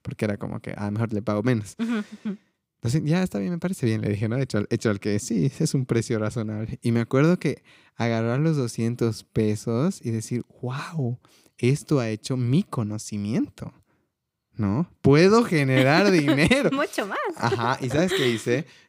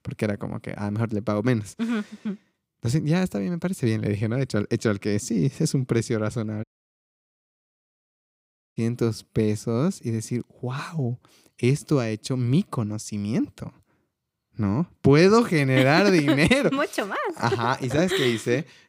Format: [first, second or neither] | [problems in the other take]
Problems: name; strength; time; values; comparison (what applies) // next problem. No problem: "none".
first | audio cutting out; at 6.5 s for 2 s